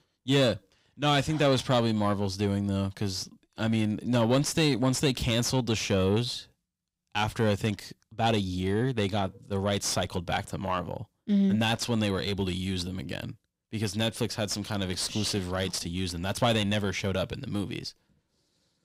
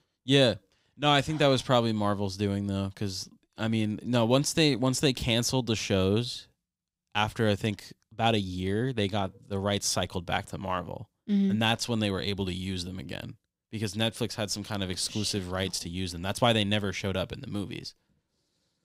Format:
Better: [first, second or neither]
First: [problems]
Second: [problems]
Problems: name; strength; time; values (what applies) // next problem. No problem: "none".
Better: second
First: distortion; slight; 10 dB below the speech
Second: none